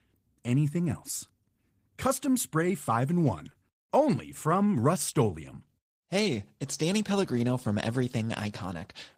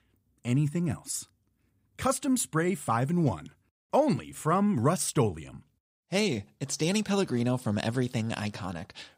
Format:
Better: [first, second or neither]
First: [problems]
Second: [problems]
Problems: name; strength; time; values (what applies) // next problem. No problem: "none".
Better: second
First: garbled, watery; slightly; nothing above 15.5 kHz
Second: none